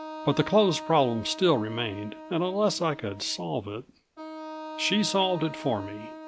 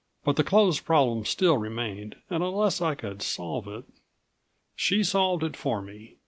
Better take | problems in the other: second | background sound (Wind instrument, woodwind instrument); 13 dB below the speech

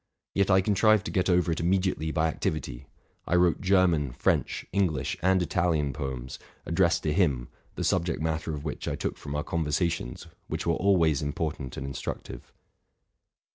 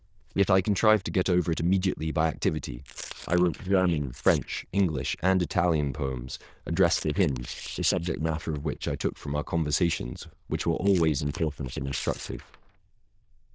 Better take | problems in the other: first | noise reduction (neural diffusion model UNIVERSE++)

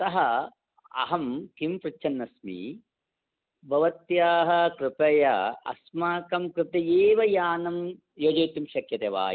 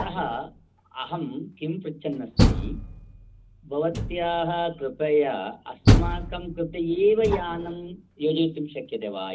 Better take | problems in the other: first | background sound (Door); as loud as the speech // room echo; dies away in 0.4 s

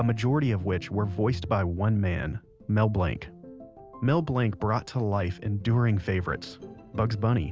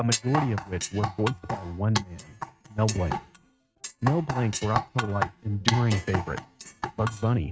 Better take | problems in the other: first | noise reduction (neural mask model RNNoise)

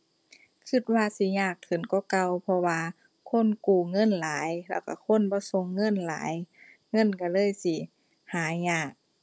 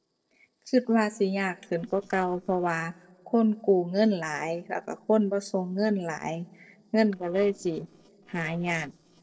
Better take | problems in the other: first | noise reduction (neural separator model SepFormer DNS4)

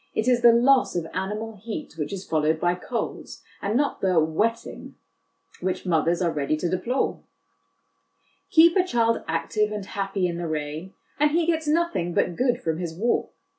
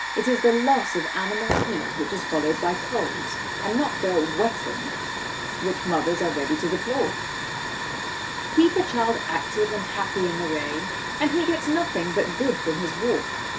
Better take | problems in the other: first | background sound (Hiss / Fire); 3 dB below the speech

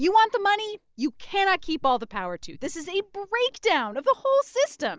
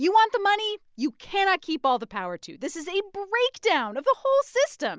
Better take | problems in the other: second | noise reduction (neural mask model DeepFilterNet 3)

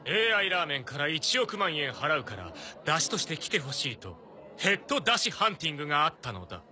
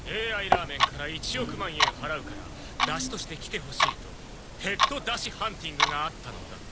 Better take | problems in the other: first | background sound (Clock); 4 dB above the speech

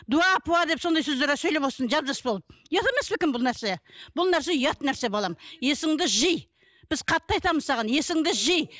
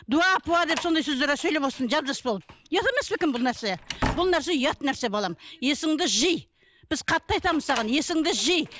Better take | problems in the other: first | background sound (Slam); 14 dB below the speech

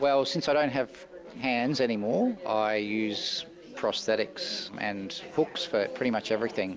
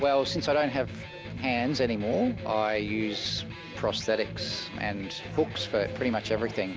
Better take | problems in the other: first | background sound (Electric guitar); 11 dB below the speech

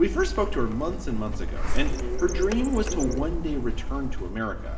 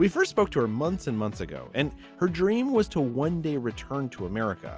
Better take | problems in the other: second | background sound (Printer); 1 dB above the speech // room echo; dies away in 0.9 s

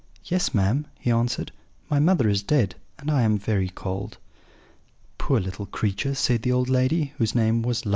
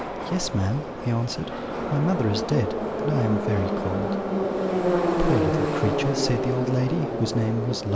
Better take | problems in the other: first | background sound (Subway, metro, underground); as loud as the speech

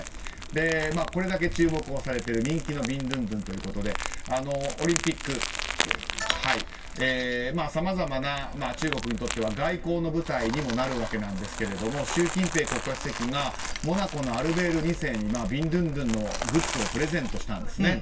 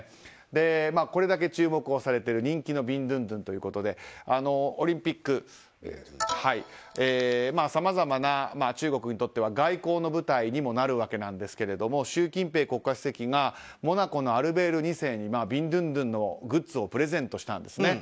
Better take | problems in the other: second | background sound (Crumpling, crinkling); 5 dB below the speech // room echo; dies away in 0.1 s

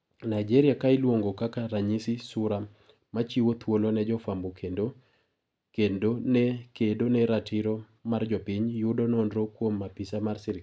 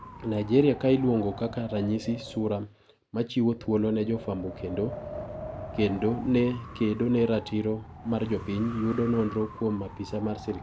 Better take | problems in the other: first | background sound (Wind); 14 dB below the speech

